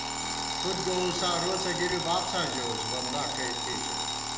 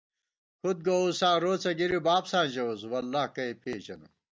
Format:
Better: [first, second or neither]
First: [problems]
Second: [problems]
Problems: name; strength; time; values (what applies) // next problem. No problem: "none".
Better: second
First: background sound (Alarm); 1 dB above the speech // room echo; dies away in 0.7 s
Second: none